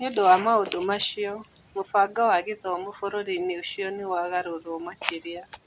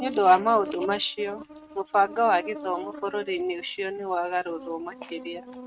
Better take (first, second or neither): first